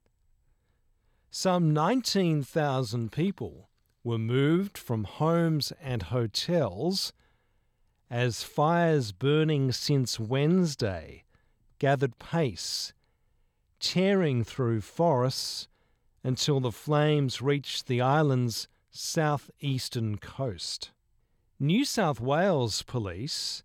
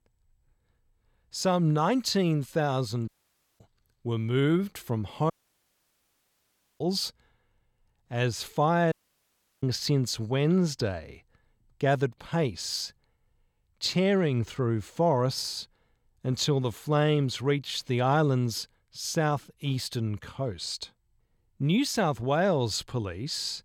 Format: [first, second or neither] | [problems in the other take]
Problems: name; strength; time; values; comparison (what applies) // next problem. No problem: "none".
first | audio cutting out; at 3 s for 0.5 s, at 5.5 s for 1.5 s and at 9 s for 0.5 s